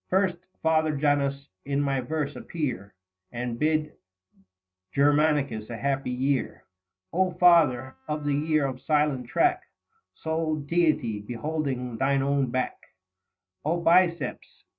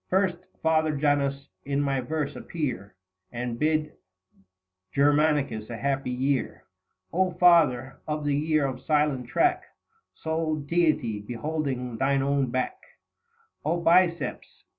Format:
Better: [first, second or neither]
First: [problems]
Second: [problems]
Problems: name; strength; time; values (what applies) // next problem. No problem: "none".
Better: second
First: noise reduction (neural mask model RNNoise)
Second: none